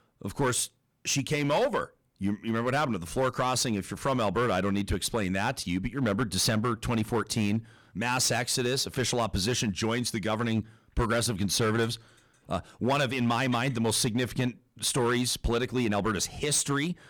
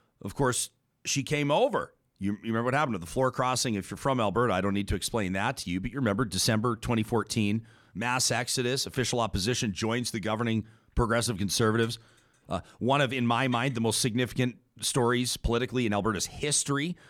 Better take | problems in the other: second | distortion; slight; 7% of the sound clipped

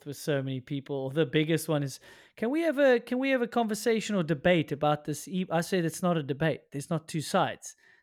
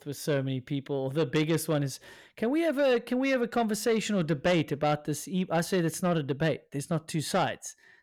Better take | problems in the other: first | distortion; slight; 10 dB below the speech

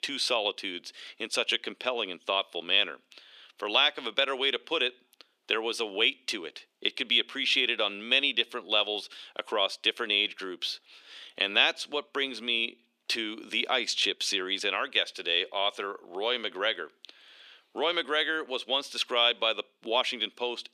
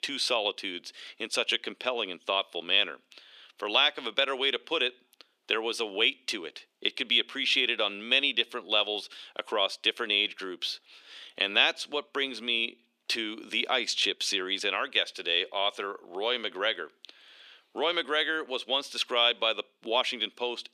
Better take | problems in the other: neither | thin; somewhat; fading below 350 Hz; the same in both

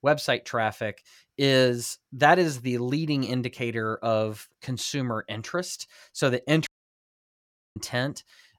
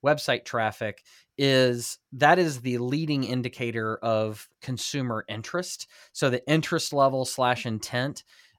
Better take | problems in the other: second | audio cutting out; at 6.5 s for 1 s

